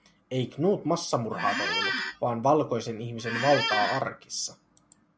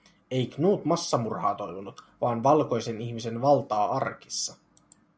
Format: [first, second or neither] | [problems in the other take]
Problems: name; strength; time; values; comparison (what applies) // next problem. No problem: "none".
second | background sound (Squeak); 1 dB below the speech